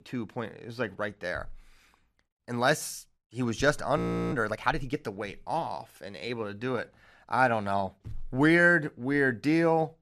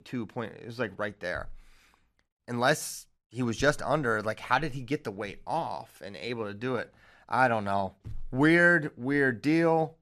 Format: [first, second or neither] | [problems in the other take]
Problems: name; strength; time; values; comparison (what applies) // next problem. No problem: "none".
second | audio freezing; at 4 s